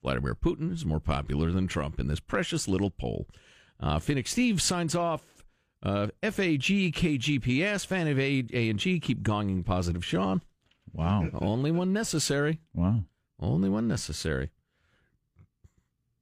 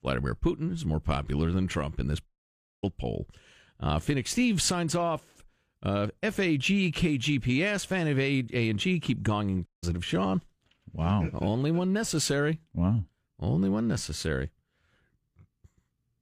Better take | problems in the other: first | audio cutting out; at 2.5 s for 0.5 s and at 9.5 s

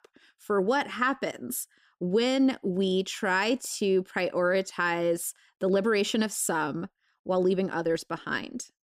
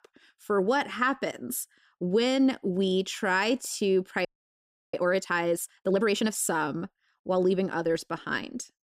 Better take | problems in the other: first | audio freezing; at 4.5 s for 0.5 s

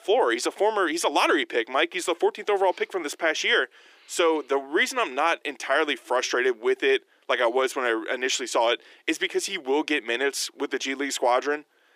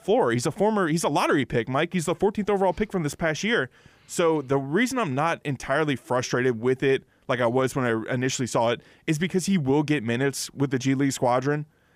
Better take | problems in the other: second | thin; somewhat; fading below 350 Hz

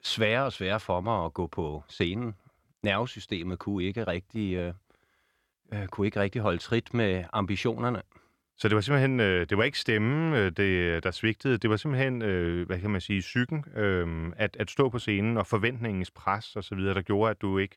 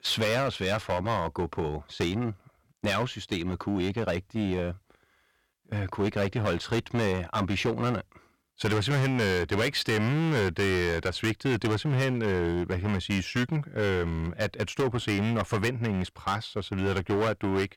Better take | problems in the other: first | distortion; heavy; 13% of the sound clipped

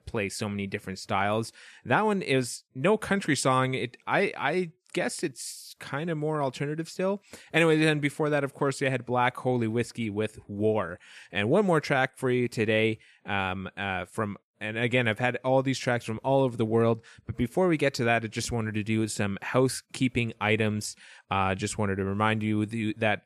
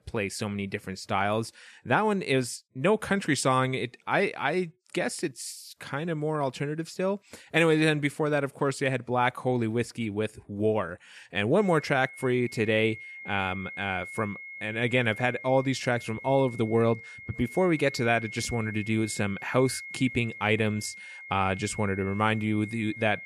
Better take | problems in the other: first | high-pitched whine; noticeable; from 12 s on; 2 kHz, 15 dB below the speech

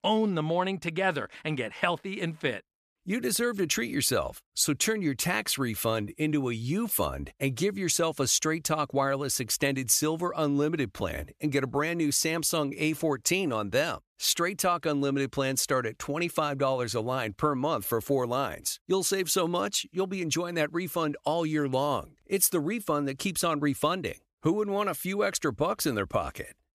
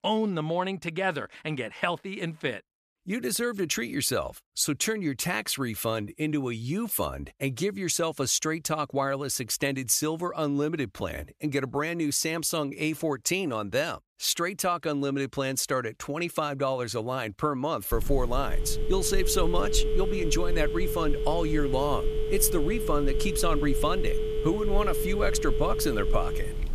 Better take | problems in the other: first | phone ringing; noticeable; from 18 s on; peak 1 dB below the speech

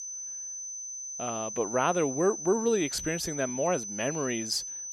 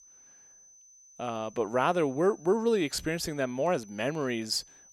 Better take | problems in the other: second | high-pitched whine; loud; throughout; 6 kHz, 6 dB below the speech; faint in the second

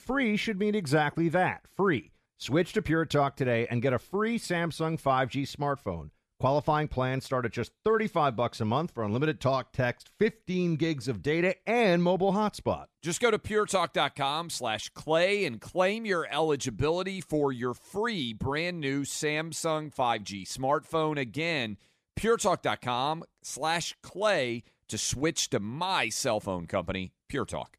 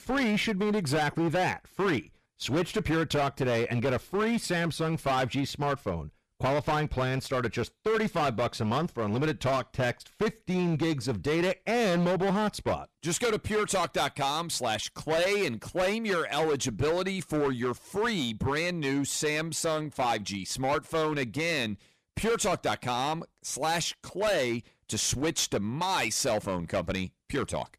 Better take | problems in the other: first | distortion; heavy; 16% of the sound clipped

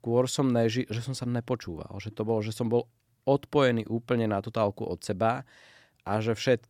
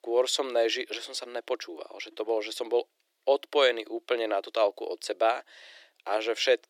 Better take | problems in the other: first | thin; very; fading below 350 Hz

